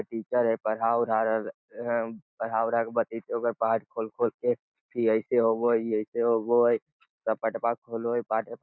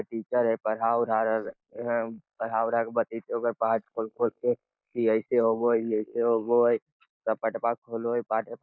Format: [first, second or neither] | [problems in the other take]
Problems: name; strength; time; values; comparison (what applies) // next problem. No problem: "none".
first | noise reduction (neural mask model Resemble Enhance denoiser)